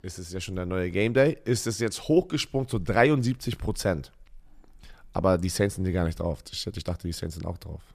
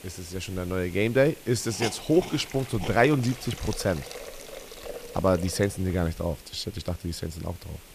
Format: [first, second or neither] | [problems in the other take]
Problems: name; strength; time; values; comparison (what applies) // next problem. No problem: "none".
first | hiss; noticeable; throughout; 15 dB below the speech